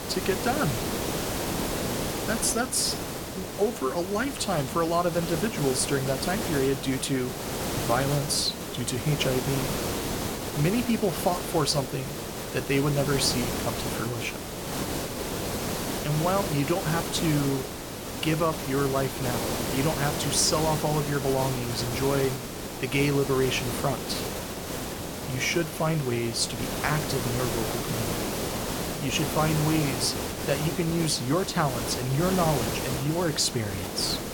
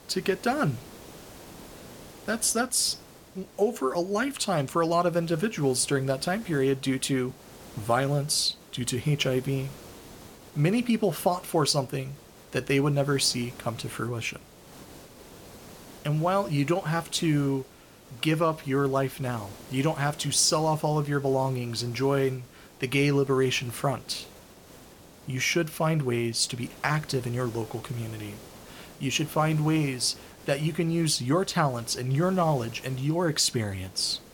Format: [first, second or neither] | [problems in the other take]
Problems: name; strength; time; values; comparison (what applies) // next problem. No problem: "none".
second | hiss; loud; throughout; 4 dB below the speech; faint in the second